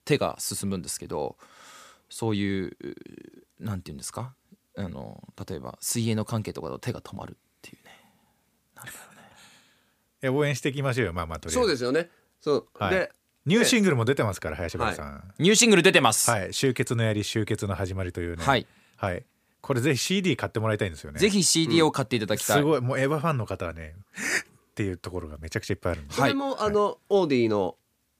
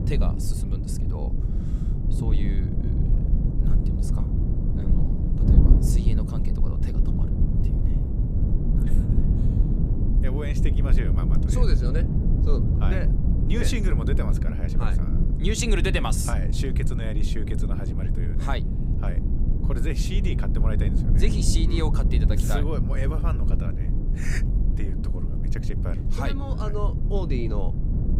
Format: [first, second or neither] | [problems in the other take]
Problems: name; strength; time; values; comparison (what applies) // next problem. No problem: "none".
first | wind noise on the microphone; heavy; 3 dB below the speech